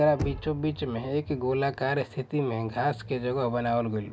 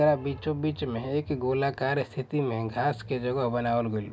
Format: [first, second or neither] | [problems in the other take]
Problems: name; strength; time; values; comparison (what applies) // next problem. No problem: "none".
second | background sound (Knock); 13 dB below the speech